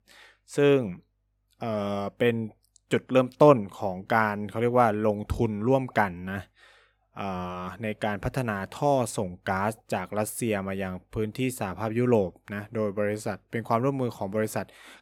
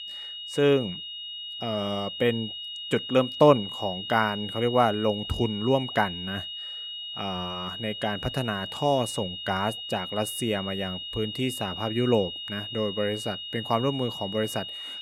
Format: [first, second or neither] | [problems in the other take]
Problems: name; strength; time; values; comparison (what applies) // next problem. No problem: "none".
first | high-pitched whine; loud; throughout; 3 kHz, 7 dB below the speech